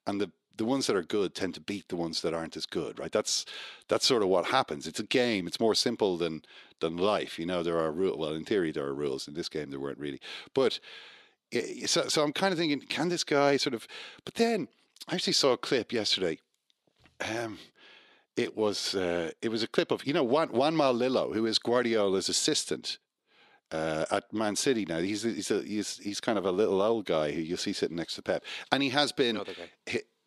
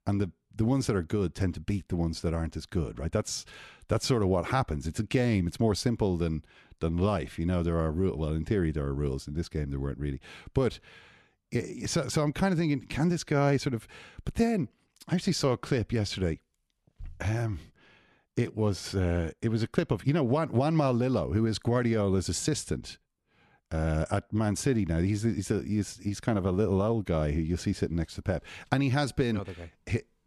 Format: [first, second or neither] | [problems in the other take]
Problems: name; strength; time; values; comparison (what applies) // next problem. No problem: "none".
second | thin; somewhat; fading below 350 Hz